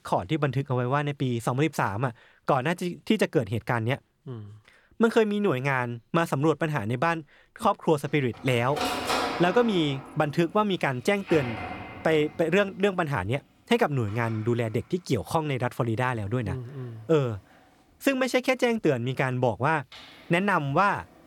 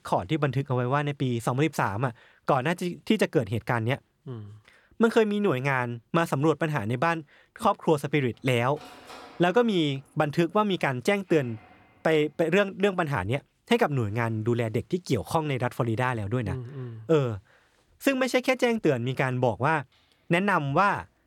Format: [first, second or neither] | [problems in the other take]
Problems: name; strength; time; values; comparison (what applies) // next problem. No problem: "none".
second | household noises; loud; throughout; 8 dB below the speech; faint in the second